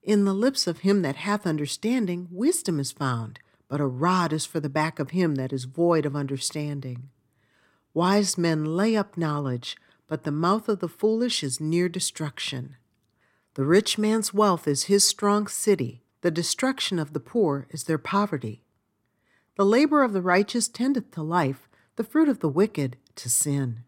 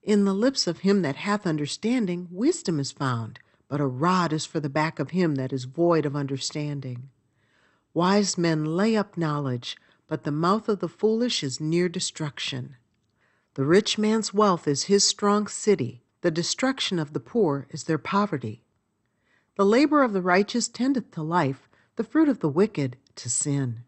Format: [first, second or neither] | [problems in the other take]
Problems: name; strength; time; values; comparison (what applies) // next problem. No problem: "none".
first | garbled, watery; slightly; nothing above 8 kHz